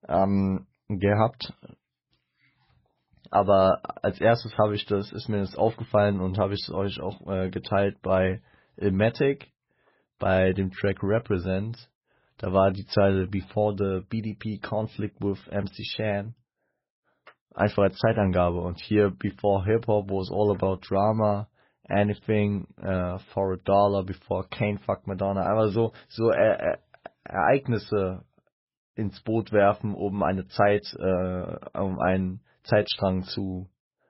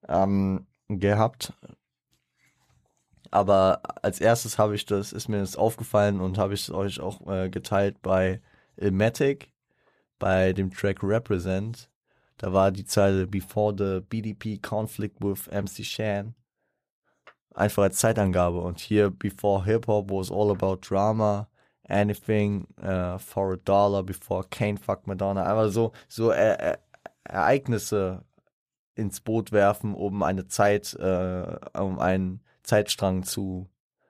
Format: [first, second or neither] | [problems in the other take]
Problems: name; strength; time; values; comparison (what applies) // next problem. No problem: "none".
second | garbled, watery; badly; nothing above 5.5 kHz